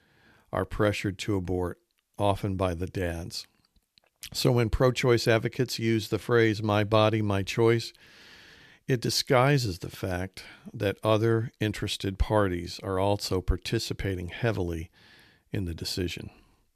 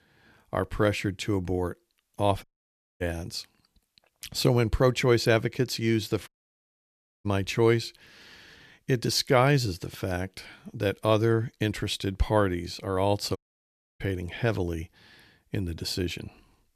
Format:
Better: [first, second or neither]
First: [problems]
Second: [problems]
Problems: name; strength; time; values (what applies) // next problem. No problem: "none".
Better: first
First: none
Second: audio cutting out; at 2.5 s for 0.5 s, at 6.5 s for 1 s and at 13 s for 0.5 s